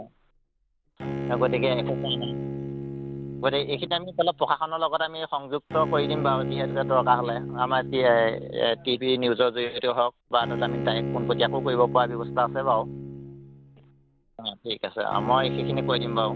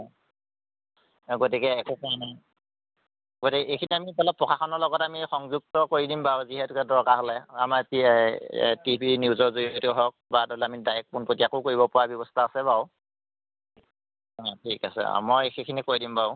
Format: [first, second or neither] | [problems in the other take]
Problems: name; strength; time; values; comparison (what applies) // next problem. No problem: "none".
second | background sound (Bowed string instrument); 6 dB below the speech